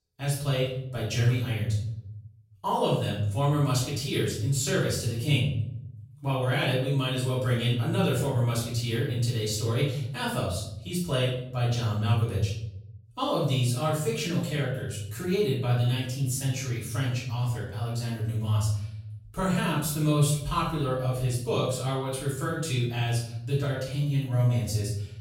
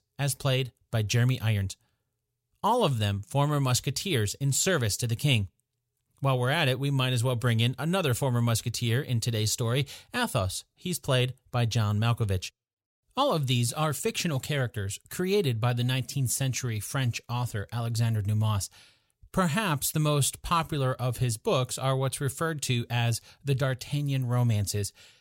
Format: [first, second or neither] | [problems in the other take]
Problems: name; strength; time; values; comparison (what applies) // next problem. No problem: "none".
second | off-mic speech; far // room echo; noticeable; dies away in 0.7 s